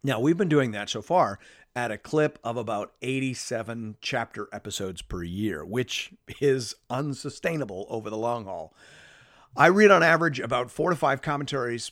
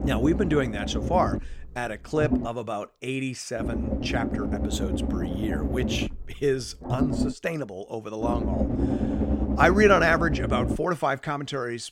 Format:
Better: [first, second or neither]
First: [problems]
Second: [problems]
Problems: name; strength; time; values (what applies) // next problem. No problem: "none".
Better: first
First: none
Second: low rumble; loud; until 2.5 s, from 3.5 to 7.5 s and from 8 to 11 s; 8 dB below the speech